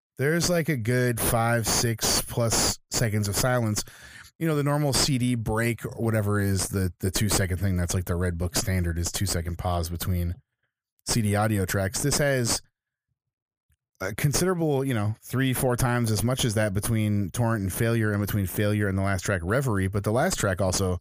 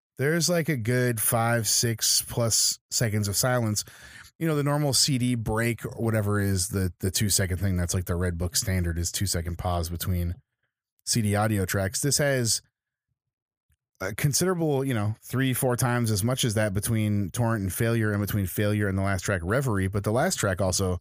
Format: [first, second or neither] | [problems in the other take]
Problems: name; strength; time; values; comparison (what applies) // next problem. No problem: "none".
second | distortion; slight; 6 dB below the speech